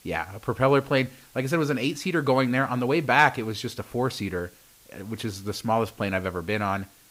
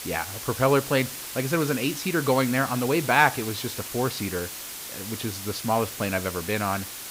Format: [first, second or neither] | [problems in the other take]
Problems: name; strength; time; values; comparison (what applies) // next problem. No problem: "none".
first | hiss; loud; throughout; 8 dB below the speech; faint in the first